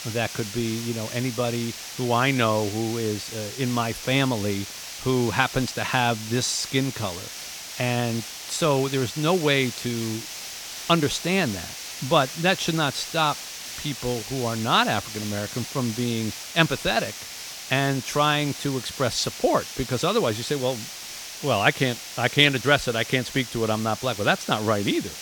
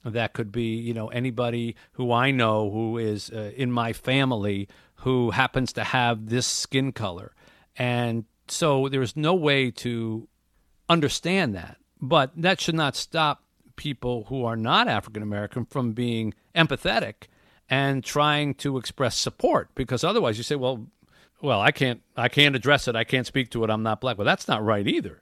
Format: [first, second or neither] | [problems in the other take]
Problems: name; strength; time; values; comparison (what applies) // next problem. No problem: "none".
second | hiss; loud; throughout; 9 dB below the speech